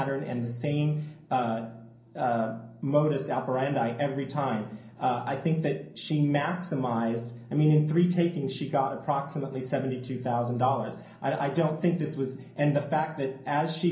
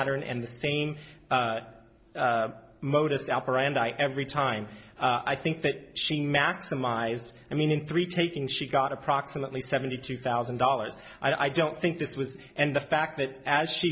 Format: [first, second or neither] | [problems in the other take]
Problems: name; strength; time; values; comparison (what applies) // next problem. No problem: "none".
second | room echo; dies away in 0.6 s